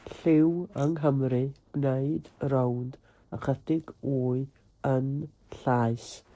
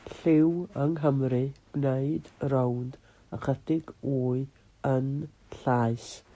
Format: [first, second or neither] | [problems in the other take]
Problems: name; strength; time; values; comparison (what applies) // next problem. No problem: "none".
second | noise reduction (neural separator model SepFormer DNS4)